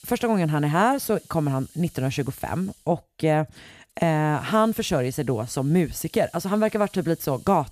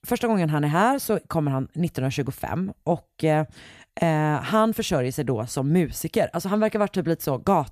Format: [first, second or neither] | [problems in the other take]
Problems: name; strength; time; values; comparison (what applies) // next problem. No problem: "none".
second | hiss; faint; throughout; 25 dB below the speech